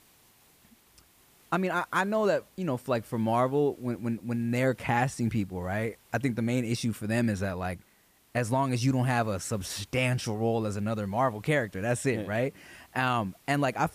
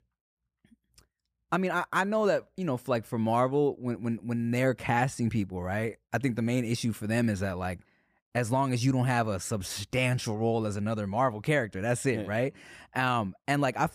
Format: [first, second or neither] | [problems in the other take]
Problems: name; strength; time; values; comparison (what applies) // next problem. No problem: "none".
second | hiss; faint; throughout; 30 dB below the speech